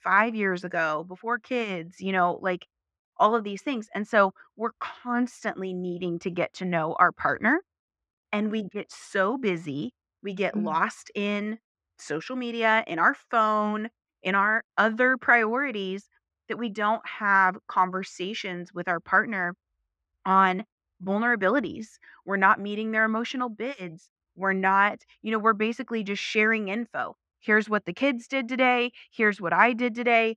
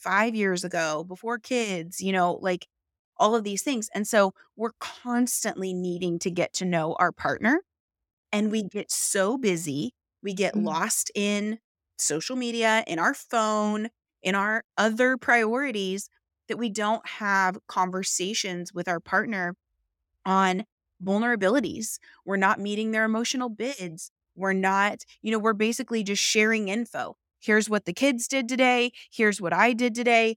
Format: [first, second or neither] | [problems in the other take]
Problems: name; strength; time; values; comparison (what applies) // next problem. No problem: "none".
second | muffled; very; fading above 2.5 kHz